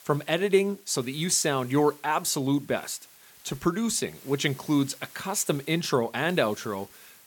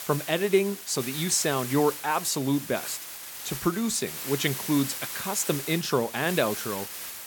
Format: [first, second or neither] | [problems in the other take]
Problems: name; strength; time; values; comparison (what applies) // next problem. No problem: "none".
first | hiss; loud; throughout; 7 dB below the speech; faint in the first